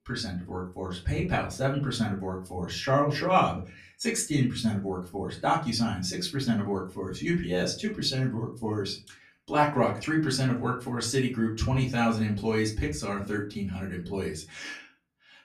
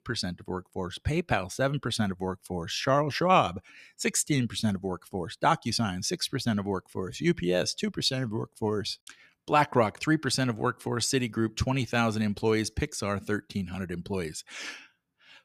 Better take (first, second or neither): second